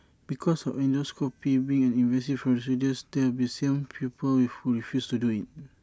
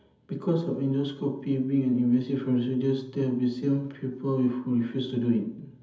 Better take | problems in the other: first | room echo; dies away in 0.7 s

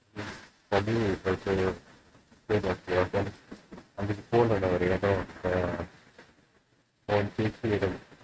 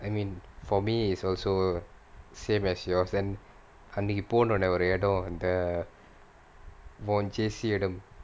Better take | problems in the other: second | noise reduction (neural mask model RNNoise)

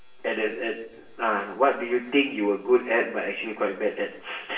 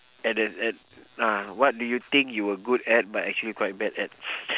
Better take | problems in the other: second | room echo; dies away in 0.8 s

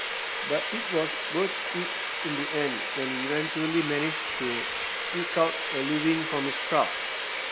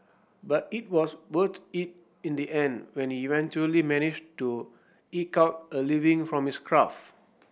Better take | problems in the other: second | background sound (Sawing); 1 dB below the speech

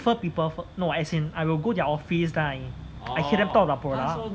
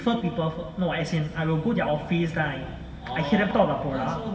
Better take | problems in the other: first | room echo; dies away in 2.5 s

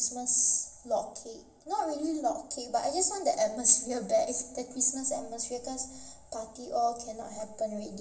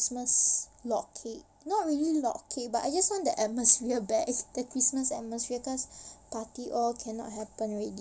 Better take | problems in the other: second | room echo; dies away in 0.7 s

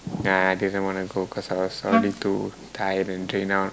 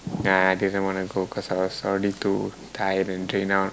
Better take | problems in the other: second | background sound (Wind instrument, woodwind instrument); 1 dB above the speech

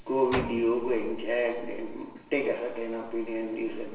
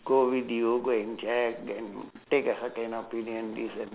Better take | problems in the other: second | background sound (Slam); 11 dB below the speech // room echo; dies away in 0.9 s

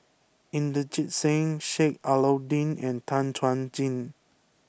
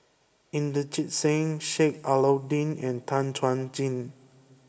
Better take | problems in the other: first | room echo; dies away in 1 s

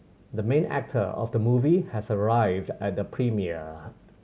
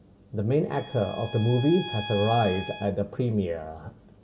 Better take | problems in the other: first | background sound (Bowed string instrument); 12 dB below the speech // room echo; dies away in 0.9 s

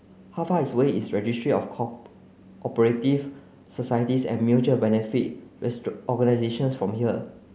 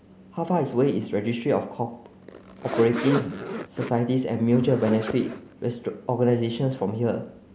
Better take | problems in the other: first | background sound (Zipper (clothing)); 9 dB below the speech

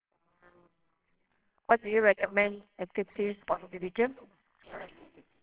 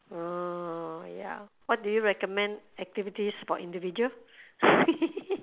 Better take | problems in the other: second | noise reduction (neural separator model SepFormer WHAMR!)

